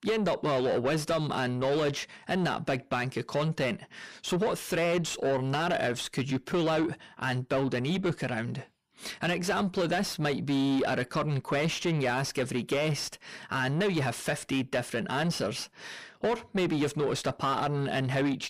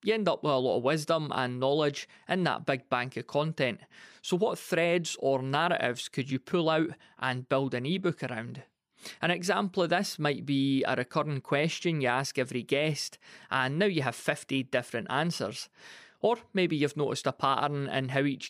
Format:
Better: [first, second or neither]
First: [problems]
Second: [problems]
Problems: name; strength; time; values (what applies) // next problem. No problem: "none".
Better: second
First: distortion; heavy; 7 dB below the speech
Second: none